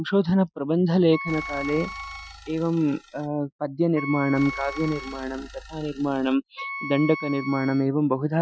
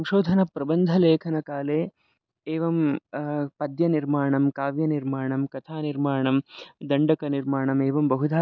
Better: second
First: noise reduction (classical method Wiener filter)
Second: none

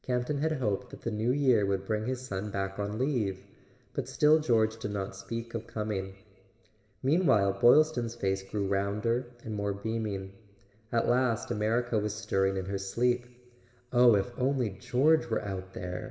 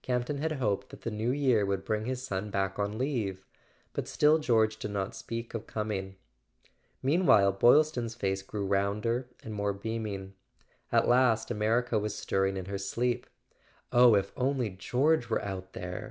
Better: second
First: room echo; dies away in 1.4 s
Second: none

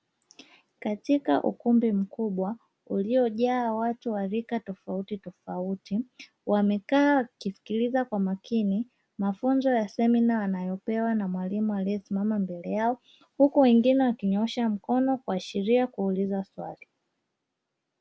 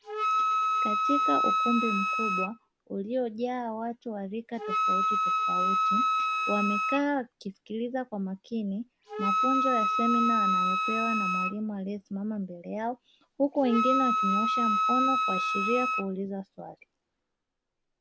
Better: first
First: none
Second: background sound (Wind instrument, woodwind instrument); 3 dB above the speech

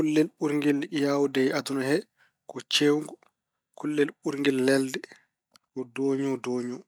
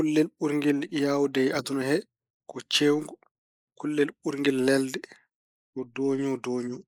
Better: first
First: none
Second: noise reduction (neural mask model Resemble Enhance denoiser)

